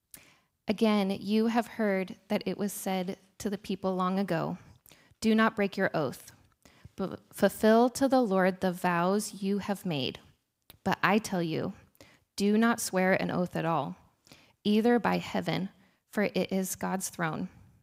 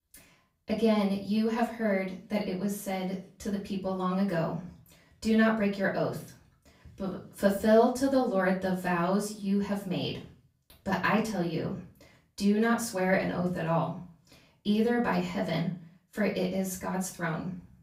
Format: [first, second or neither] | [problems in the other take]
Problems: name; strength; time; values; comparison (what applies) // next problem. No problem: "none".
first | off-mic speech; far // room echo; slight; dies away in 0.3 s